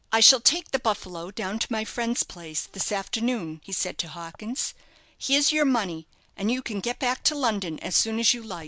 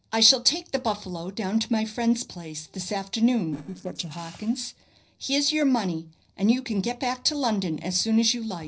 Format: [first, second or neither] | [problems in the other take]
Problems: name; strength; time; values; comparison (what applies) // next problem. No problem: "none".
first | noise reduction (neural separator model SepFormer DNS4)